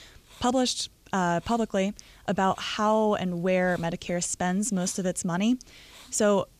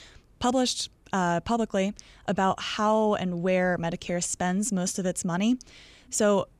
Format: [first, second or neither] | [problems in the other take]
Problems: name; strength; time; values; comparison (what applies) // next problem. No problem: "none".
second | hiss; faint; throughout; 30 dB below the speech